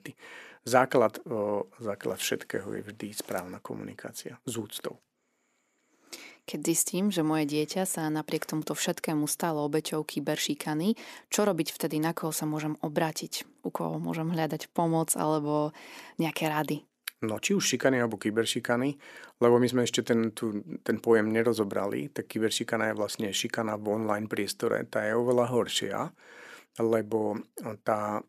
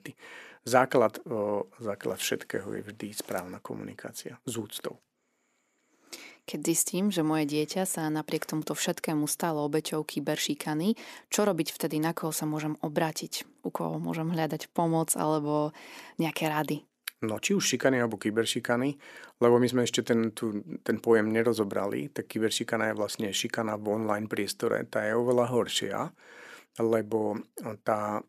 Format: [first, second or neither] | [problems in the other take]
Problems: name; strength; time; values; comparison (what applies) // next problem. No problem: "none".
neither | none